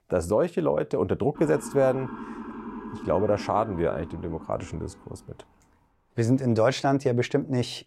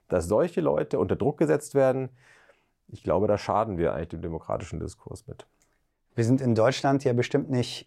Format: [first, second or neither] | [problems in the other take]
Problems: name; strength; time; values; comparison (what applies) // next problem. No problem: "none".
second | siren; faint; from 1.5 to 5 s; peak 10 dB below the speech